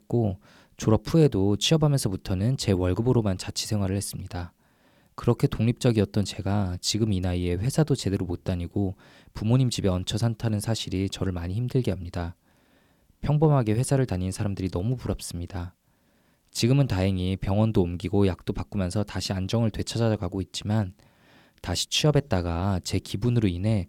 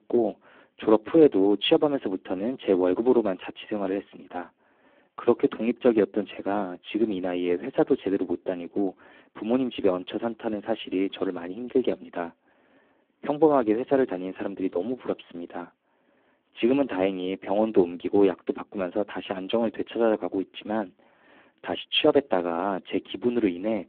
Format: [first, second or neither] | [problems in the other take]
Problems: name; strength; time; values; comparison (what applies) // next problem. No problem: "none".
first | phone-call audio; poor line; nothing above 3.5 kHz